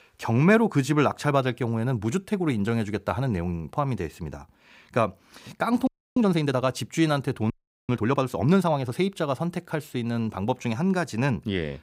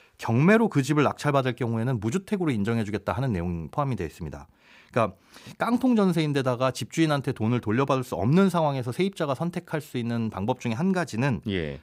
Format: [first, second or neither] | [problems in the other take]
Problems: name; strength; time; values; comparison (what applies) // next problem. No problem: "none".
second | audio freezing; at 6 s and at 7.5 s